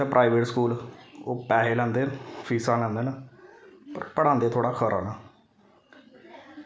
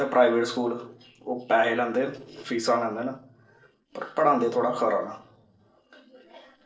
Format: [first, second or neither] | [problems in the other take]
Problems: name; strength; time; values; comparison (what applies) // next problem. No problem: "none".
first | noise reduction (neural separator model SepFormer DNS4)